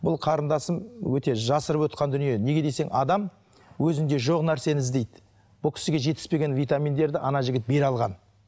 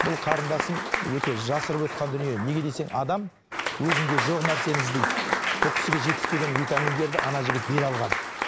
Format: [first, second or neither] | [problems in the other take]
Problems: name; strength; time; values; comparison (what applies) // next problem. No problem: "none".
first | background sound (Applause / Crowd); as loud as the speech